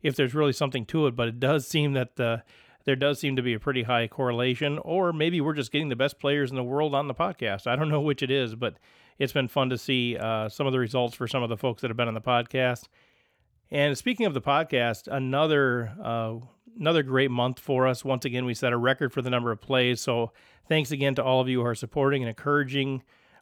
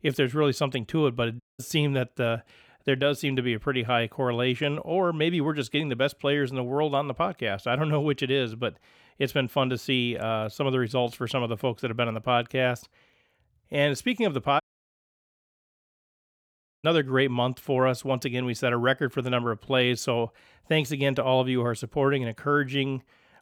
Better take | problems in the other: first | audio cutting out; at 1.5 s and at 15 s for 2 s

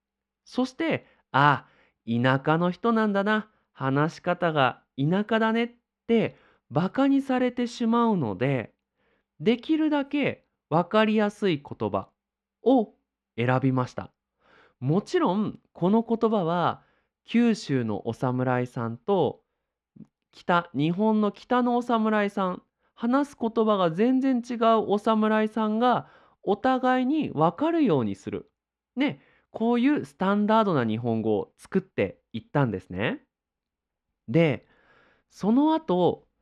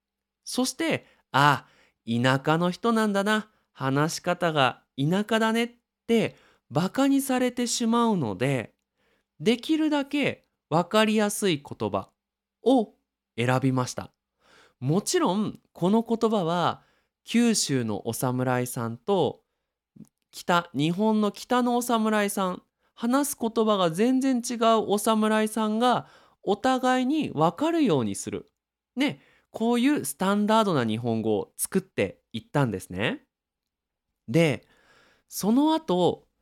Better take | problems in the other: second | muffled; slightly; fading above 2.5 kHz

